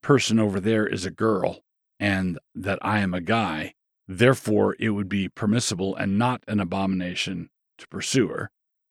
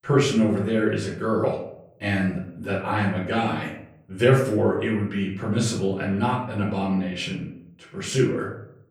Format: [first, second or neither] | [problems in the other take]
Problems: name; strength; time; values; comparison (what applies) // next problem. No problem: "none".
first | off-mic speech; far // room echo; slight; dies away in 0.6 s